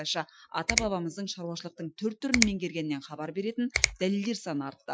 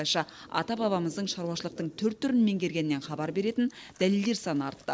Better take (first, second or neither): second